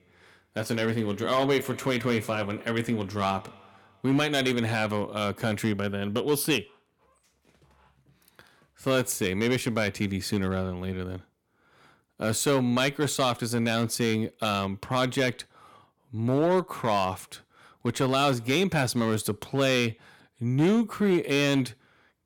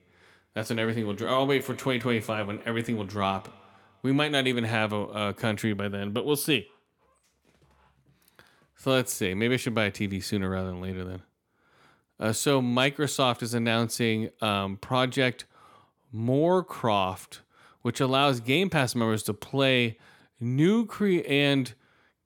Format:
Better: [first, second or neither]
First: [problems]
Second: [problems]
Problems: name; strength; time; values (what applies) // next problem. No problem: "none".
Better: second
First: distortion; slight; 3% of the sound clipped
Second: none